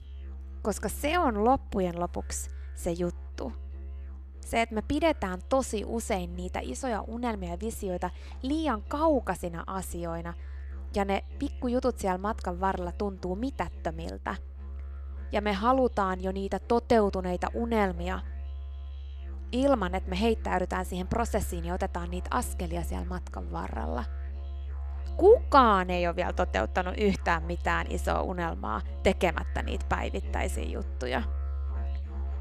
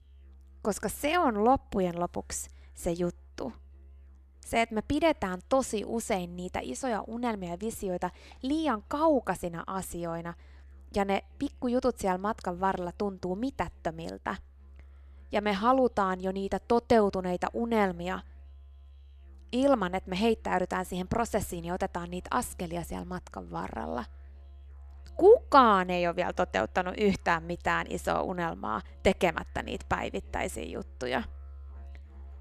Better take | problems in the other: second | background music; loud; throughout; 10 dB below the speech; faint in the second

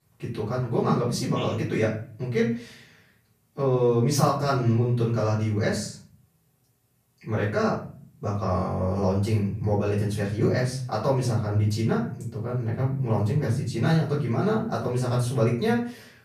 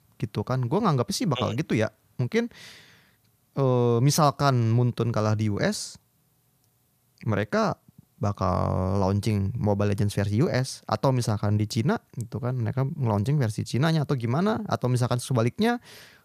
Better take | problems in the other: second | off-mic speech; far // room echo; slight; dies away in 0.4 s

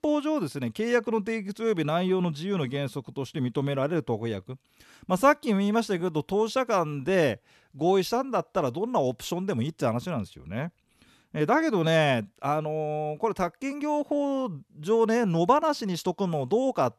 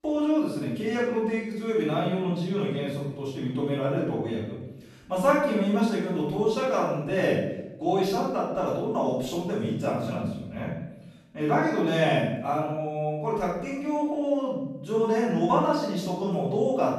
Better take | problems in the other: first | room echo; noticeable; dies away in 0.8 s // off-mic speech; far

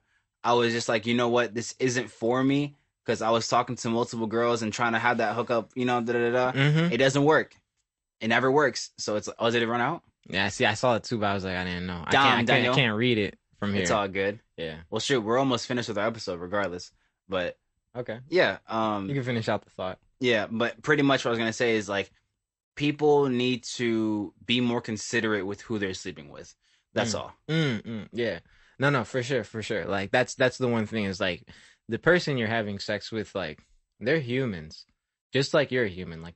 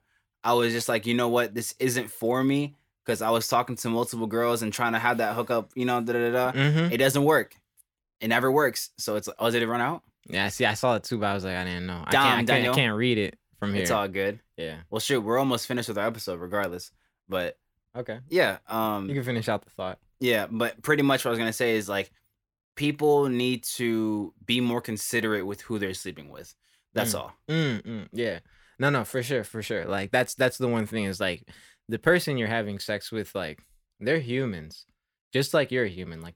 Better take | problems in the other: second | garbled, watery; slightly; nothing above 8 kHz

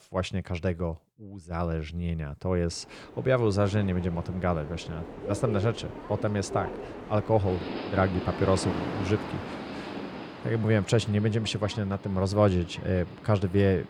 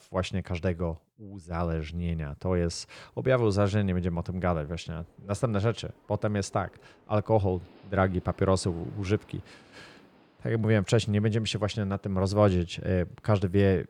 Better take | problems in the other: second | train or aircraft noise; loud; from 3 s on; 10 dB below the speech; faint in the second

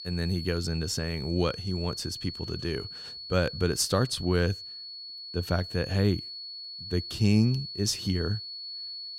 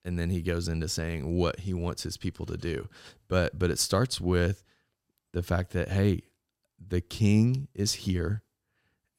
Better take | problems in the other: second | high-pitched whine; loud; throughout; 4.5 kHz, 9 dB below the speech

